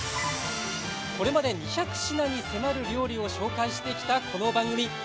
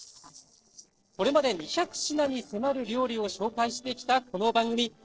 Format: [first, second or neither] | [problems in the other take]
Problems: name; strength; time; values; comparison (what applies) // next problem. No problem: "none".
first | noise reduction (neural separator model SepFormer DNS4)